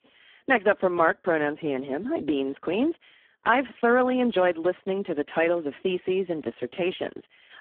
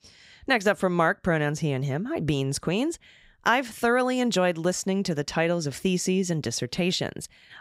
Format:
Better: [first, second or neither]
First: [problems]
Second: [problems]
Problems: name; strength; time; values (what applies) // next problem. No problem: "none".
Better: second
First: phone-call audio; poor line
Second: none